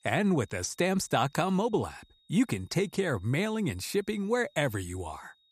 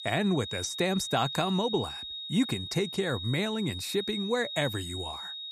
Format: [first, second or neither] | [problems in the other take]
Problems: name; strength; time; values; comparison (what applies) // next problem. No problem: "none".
first | high-pitched whine; loud; throughout; 3.5 kHz, 6 dB below the speech; faint in the first